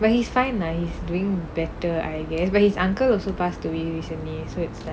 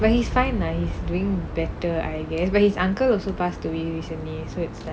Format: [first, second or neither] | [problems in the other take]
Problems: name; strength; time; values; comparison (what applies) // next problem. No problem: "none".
first | background sound (Boom); 9 dB below the speech